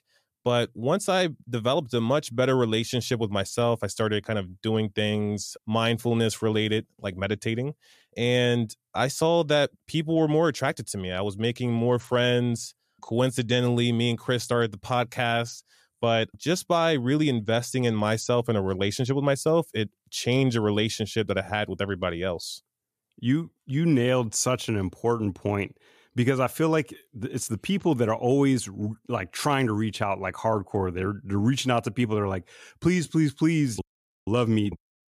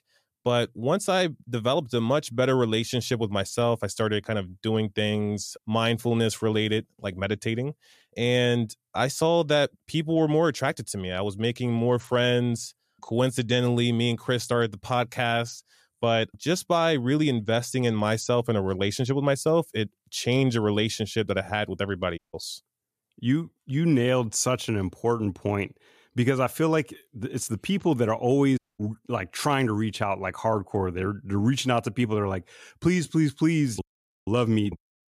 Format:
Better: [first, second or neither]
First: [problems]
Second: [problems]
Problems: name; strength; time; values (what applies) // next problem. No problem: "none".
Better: first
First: none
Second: audio cutting out; at 22 s and at 29 s